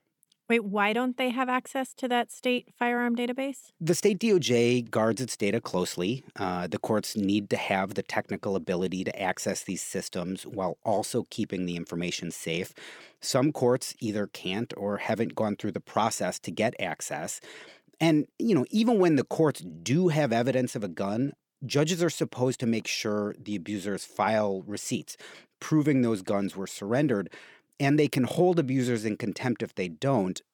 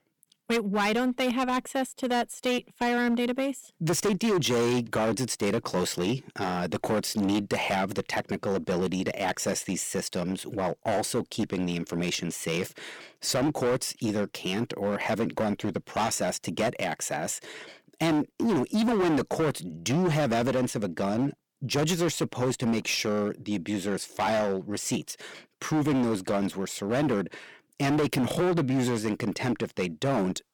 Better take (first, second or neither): first